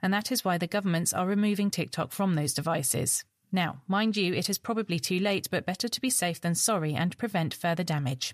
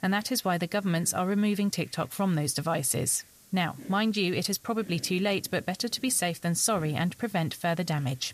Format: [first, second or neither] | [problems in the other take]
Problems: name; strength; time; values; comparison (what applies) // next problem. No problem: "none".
first | hiss; faint; throughout; 25 dB below the speech